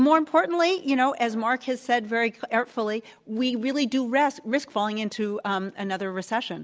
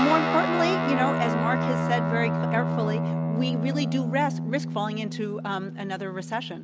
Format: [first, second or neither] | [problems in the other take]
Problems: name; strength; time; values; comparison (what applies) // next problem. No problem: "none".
first | background sound (Guitar); 1 dB above the speech